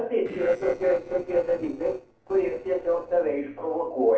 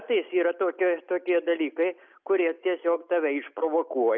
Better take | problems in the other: second | noise reduction (neural separator model SepFormer DNS4)

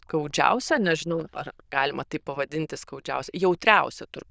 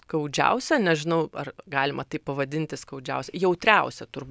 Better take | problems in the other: second | noise reduction (neural diffusion model UNIVERSE++)

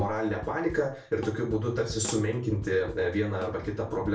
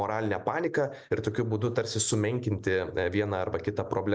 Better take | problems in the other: second | background sound (Drum kit); 15 dB below the speech // room echo; dies away in 0.3 s

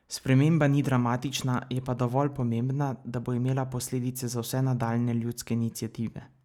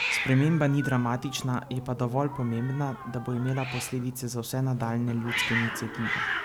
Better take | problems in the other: first | background sound (Hiss); 7 dB below the speech

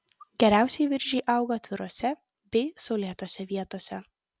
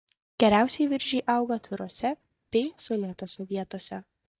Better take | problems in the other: first | noise reduction (neural mask model DeepFilterNet 3)

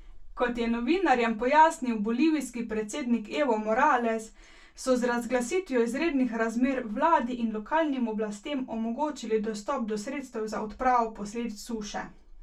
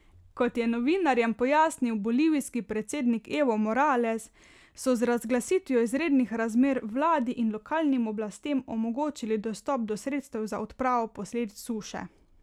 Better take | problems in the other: second | room echo; dies away in 0.2 s

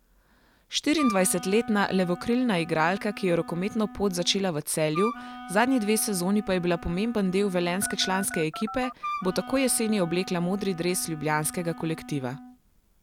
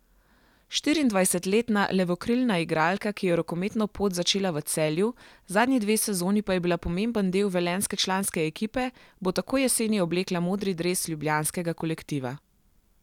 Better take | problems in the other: second | background sound (Wind instrument, woodwind instrument + Telephone); 13 dB below the speech

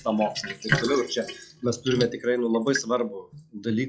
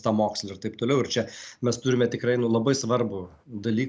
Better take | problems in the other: second | noise reduction (classical method log-MMSE)

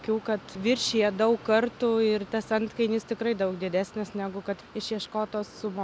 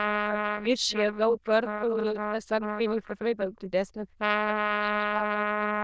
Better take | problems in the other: first | noise reduction (neural diffusion model UNIVERSE++)

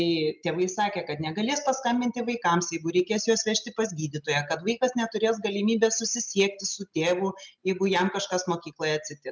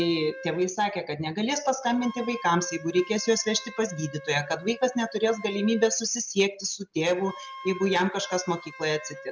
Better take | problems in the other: first | background sound (Wind instrument, woodwind instrument); 16 dB below the speech

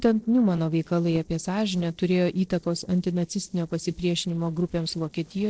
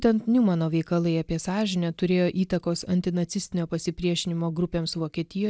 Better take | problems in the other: second | noise reduction (neural separator model SepFormer DNS4)

